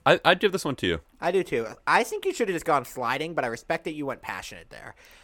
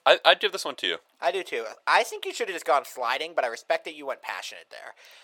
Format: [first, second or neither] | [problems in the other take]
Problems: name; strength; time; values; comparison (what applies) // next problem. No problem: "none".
first | thin; very; fading below 600 Hz